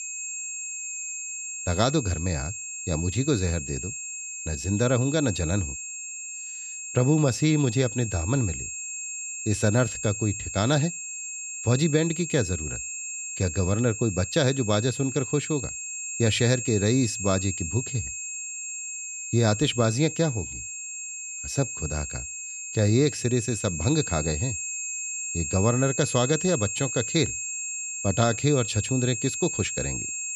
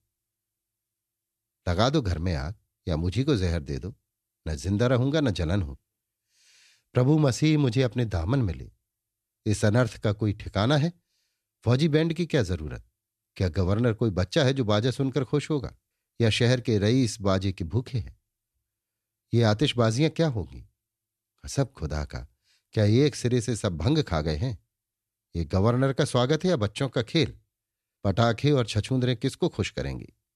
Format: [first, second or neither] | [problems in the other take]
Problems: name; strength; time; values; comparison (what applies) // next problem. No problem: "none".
second | high-pitched whine; loud; throughout; 7.5 kHz, 5 dB below the speech